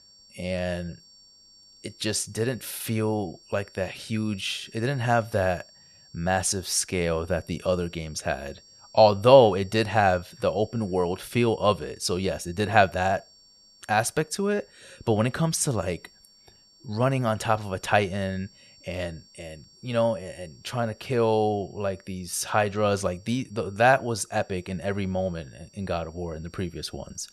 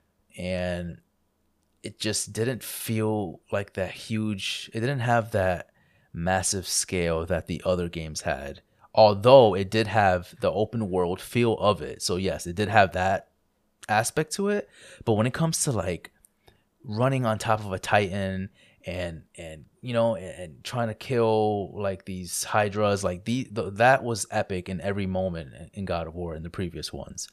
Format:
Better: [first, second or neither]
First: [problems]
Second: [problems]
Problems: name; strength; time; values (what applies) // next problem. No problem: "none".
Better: second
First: high-pitched whine; faint; throughout; 5.5 kHz, 25 dB below the speech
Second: none